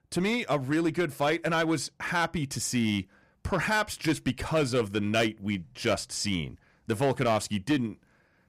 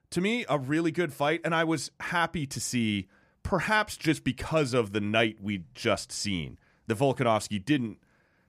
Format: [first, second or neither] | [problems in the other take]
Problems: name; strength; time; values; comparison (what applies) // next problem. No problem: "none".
second | distortion; slight; 5% of the sound clipped